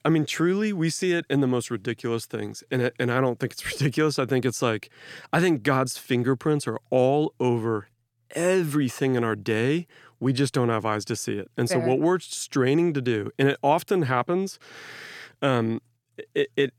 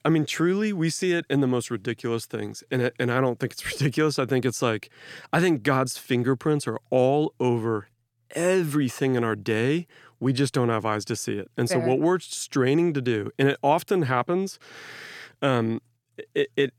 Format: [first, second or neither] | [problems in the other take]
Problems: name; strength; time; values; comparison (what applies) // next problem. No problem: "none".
neither | none